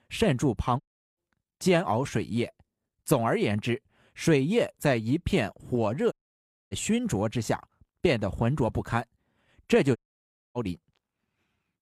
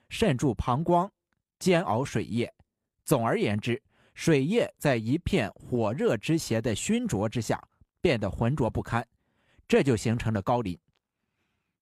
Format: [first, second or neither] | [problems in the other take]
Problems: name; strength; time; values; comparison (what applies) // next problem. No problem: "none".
second | audio cutting out; at 1 s, at 6 s for 0.5 s and at 10 s for 0.5 s